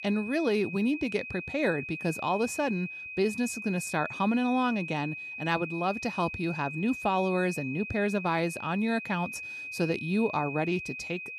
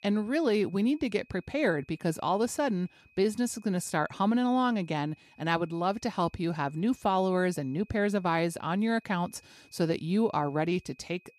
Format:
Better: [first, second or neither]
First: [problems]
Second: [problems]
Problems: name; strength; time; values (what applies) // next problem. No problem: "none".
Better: second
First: high-pitched whine; loud; throughout; 2.5 kHz, 8 dB below the speech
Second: high-pitched whine; faint; throughout; 2.5 kHz, 30 dB below the speech